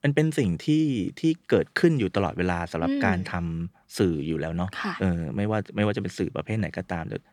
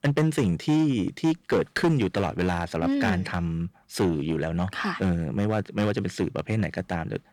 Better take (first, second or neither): first